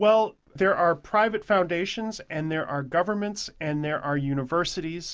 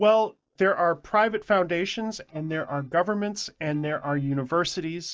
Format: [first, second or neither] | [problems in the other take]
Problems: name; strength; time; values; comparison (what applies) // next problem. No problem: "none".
first | noise reduction (neural mask model DeepFilterNet 3)